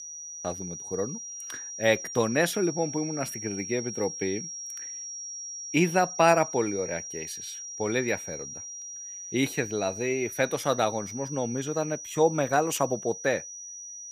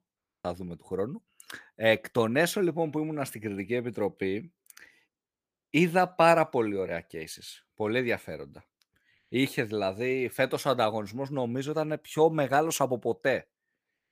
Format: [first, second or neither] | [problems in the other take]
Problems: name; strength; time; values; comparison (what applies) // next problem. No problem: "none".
second | high-pitched whine; loud; throughout; 5.5 kHz, 8 dB below the speech